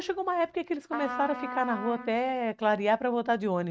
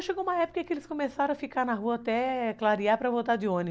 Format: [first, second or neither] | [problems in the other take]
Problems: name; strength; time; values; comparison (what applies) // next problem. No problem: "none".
second | noise reduction (neural mask model RNNoise)